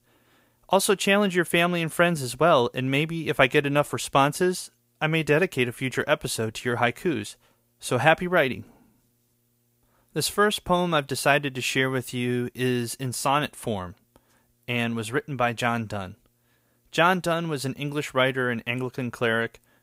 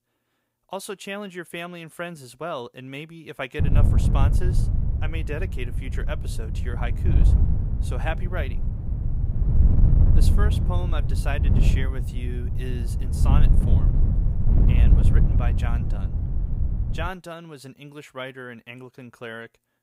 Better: first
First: none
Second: wind noise on the microphone; heavy; from 3.5 to 17 s; 3 dB below the speech

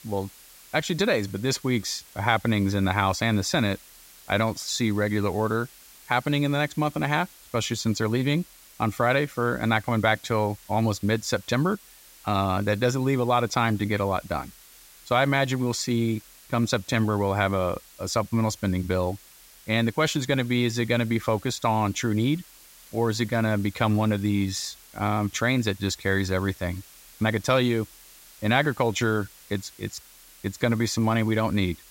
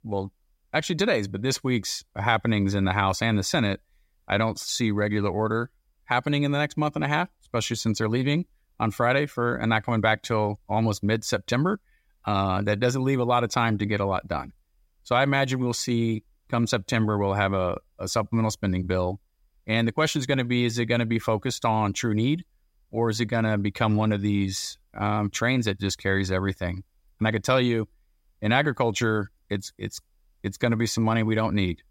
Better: second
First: hiss; faint; throughout; 20 dB below the speech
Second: none

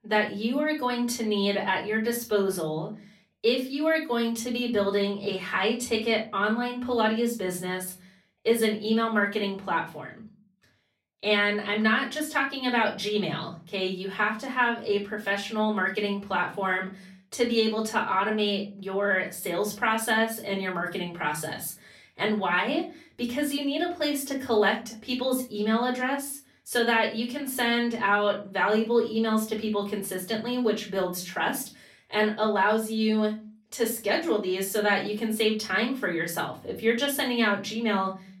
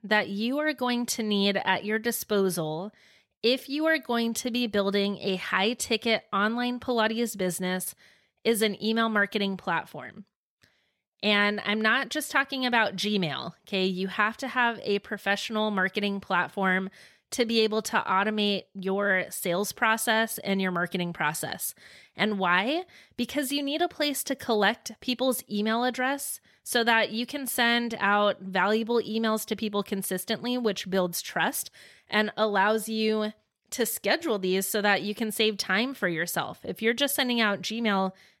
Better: second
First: off-mic speech; far // room echo; slight; dies away in 0.3 s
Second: none

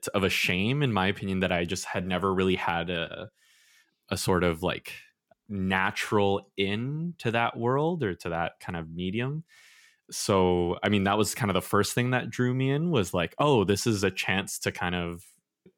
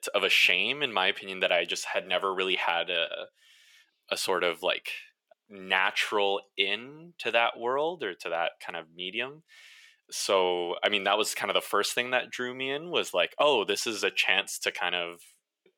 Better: first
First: none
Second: thin; very; fading below 500 Hz

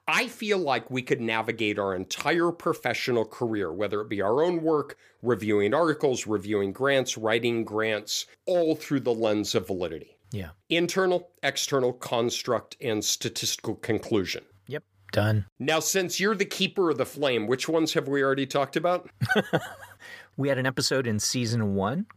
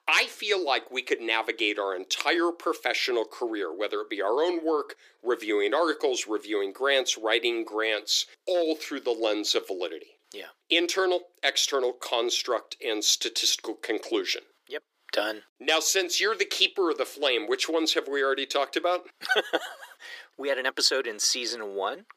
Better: first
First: none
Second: thin; very; fading below 350 Hz

